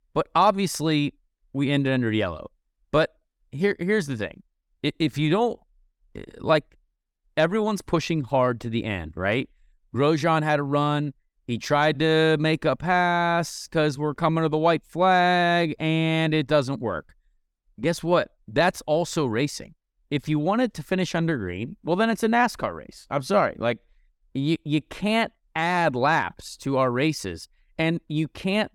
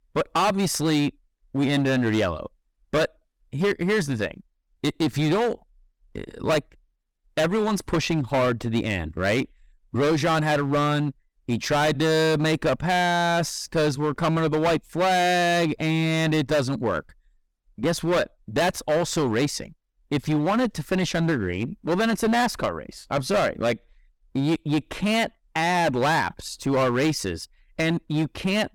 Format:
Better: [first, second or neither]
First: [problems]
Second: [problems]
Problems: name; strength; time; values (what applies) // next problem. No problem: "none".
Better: first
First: none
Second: distortion; heavy; 14% of the sound clipped